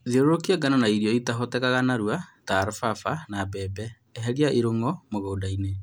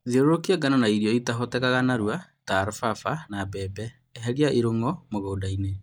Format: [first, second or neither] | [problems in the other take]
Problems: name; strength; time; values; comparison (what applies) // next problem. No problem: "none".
first | noise reduction (neural mask model DeepFilterNet 3)